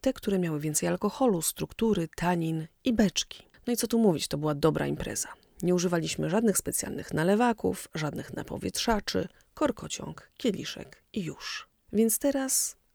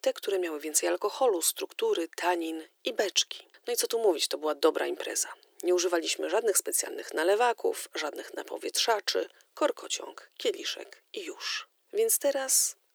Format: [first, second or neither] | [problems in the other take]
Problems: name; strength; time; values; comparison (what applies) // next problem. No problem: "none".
first | thin; very; fading below 350 Hz